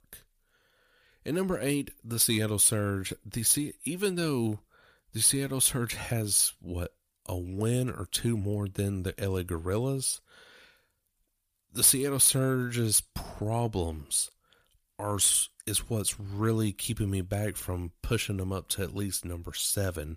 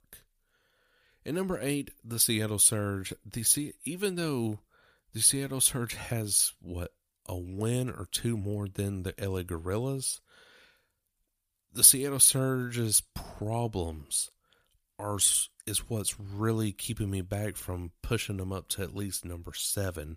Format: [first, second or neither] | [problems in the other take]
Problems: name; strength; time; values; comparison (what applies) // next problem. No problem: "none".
second | distortion; slight; 10 dB below the speech